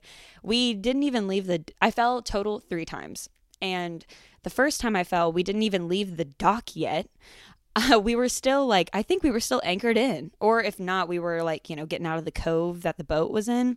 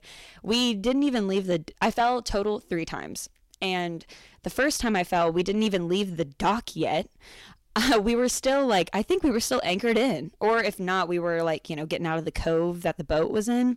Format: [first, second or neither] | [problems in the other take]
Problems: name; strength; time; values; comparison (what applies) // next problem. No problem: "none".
first | distortion; slight; 10 dB below the speech